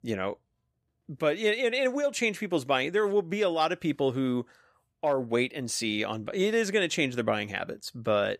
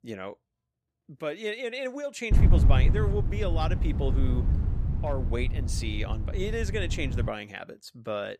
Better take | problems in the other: first | wind noise on the microphone; heavy; from 2.5 to 7.5 s; 8 dB below the speech

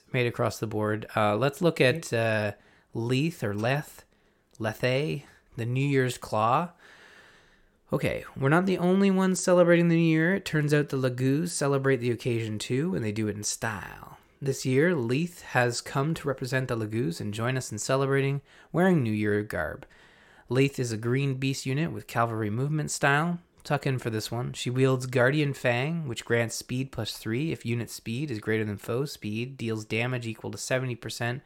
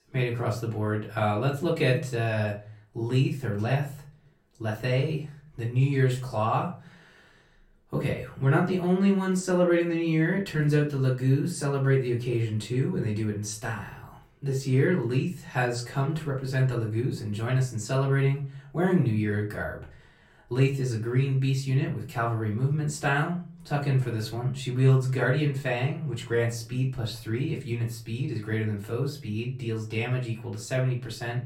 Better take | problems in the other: first | off-mic speech; far // room echo; slight; dies away in 0.4 s

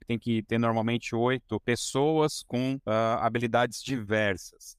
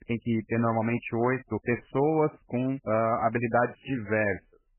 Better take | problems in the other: first | garbled, watery; badly; nothing above 2.5 kHz

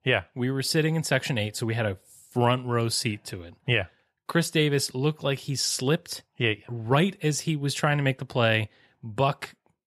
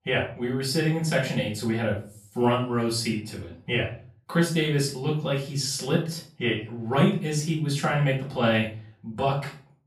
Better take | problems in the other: first | room echo; slight; dies away in 0.4 s // off-mic speech; far

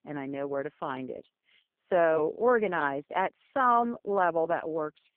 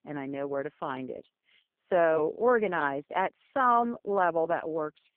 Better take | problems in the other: neither | phone-call audio; poor line; the same in both

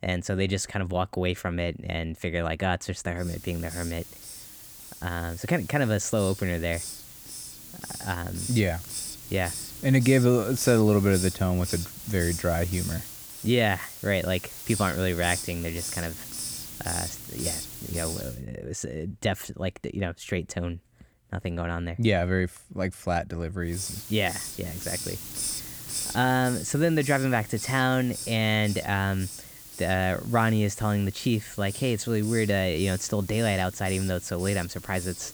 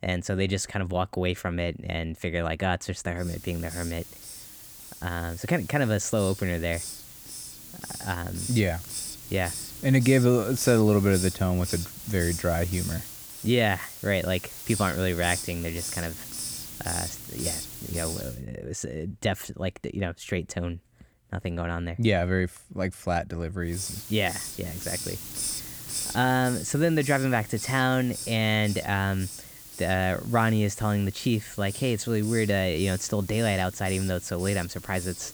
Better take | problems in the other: neither | hiss; loud; from 3.5 to 18 s and from 24 s on; 8 dB below the speech; the same in both

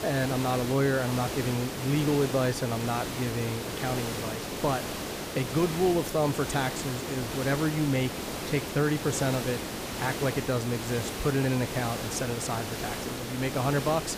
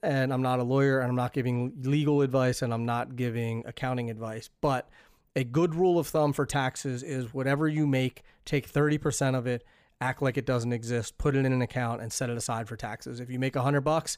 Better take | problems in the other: second | hiss; loud; throughout; 5 dB below the speech

